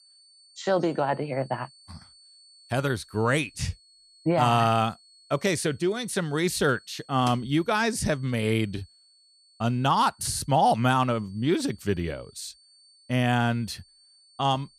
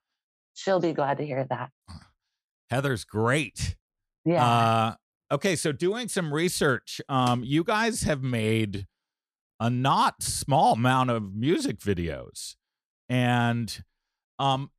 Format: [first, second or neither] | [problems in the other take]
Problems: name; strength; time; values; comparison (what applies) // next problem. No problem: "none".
second | high-pitched whine; faint; throughout; 4.5 kHz, 30 dB below the speech